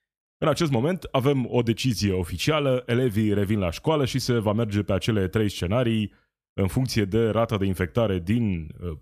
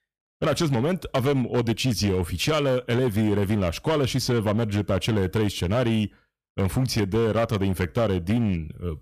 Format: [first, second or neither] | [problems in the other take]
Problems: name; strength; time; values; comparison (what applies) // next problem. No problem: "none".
first | distortion; slight; 11% of the sound clipped